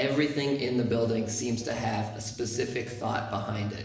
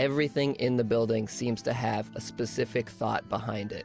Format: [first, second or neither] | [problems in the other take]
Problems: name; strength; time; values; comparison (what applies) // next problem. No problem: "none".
second | noise reduction (neural separator model SepFormer DNS4)